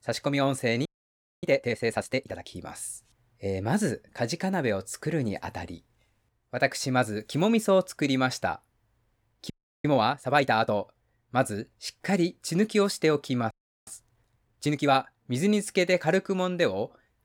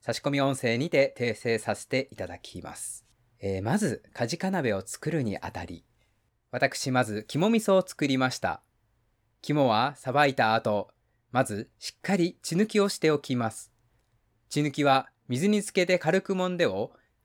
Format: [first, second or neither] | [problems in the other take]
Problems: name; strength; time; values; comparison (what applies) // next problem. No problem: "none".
second | audio freezing; at 1 s for 0.5 s, at 9.5 s and at 14 s